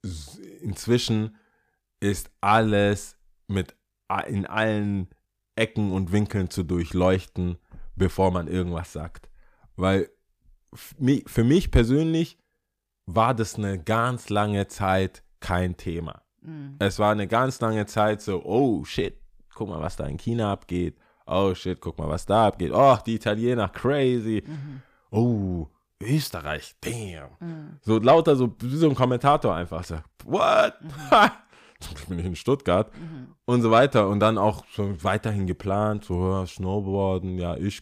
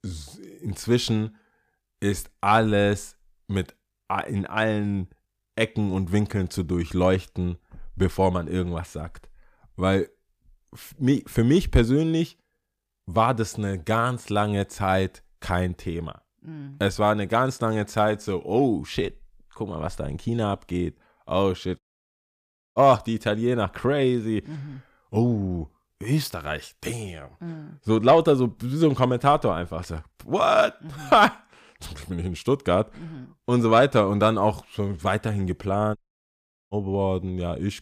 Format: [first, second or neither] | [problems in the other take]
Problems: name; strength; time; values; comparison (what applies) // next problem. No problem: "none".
first | audio cutting out; at 22 s for 1 s and at 36 s for 1 s